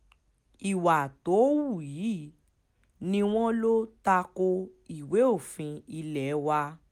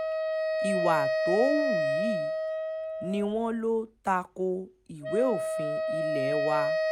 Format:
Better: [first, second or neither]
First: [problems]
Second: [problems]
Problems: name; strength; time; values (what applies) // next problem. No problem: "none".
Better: first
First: none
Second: background sound (Wind instrument, woodwind instrument); 2 dB above the speech